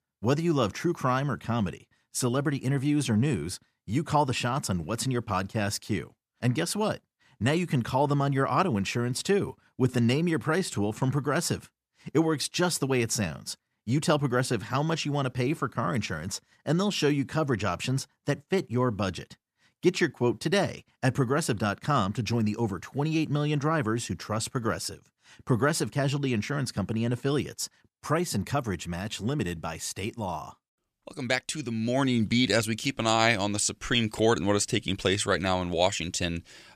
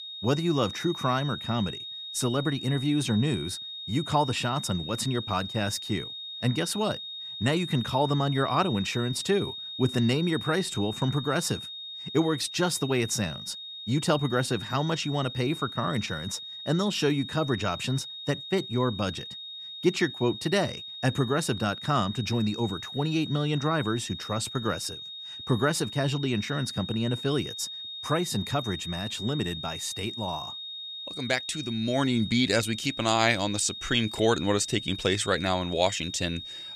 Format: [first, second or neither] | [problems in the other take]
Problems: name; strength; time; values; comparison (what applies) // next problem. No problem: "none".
first | high-pitched whine; loud; throughout; 3.5 kHz, 8 dB below the speech